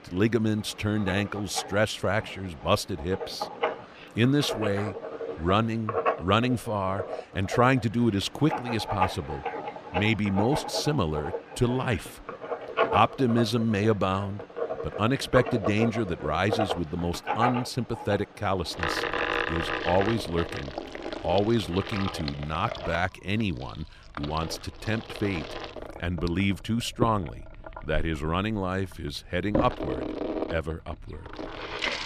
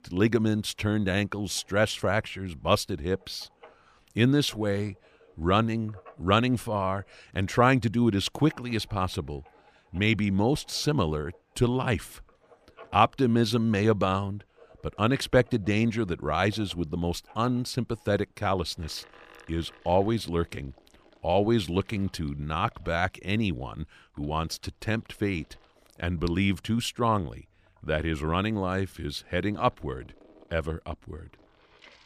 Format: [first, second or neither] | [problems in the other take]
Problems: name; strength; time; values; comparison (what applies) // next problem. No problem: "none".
second | household noises; loud; throughout; 6 dB below the speech; faint in the second